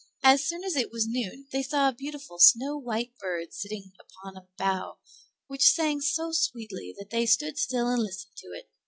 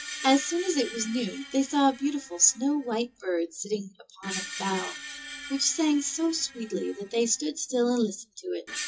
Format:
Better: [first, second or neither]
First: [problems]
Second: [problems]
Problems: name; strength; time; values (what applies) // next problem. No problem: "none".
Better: first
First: none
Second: background sound (Screech); 13 dB below the speech // room echo; dies away in 0.2 s